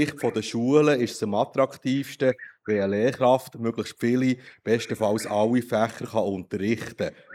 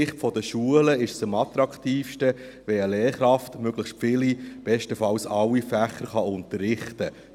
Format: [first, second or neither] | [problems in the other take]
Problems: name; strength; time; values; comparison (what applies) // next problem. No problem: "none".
second | noise reduction (neural mask model Resemble Enhance denoiser)